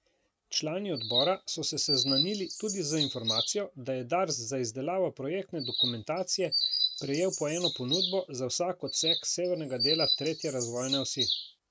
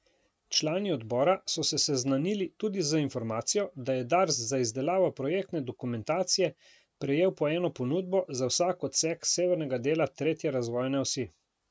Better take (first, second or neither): second